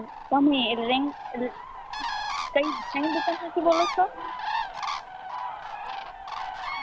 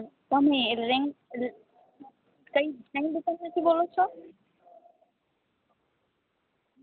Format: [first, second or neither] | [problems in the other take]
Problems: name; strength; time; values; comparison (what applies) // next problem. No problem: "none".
second | background sound (Bird); 5 dB below the speech